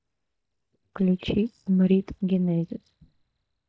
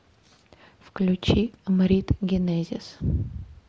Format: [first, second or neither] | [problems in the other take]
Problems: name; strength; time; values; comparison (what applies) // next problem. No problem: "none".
second | noise reduction (neural mask model DeepFilterNet 3)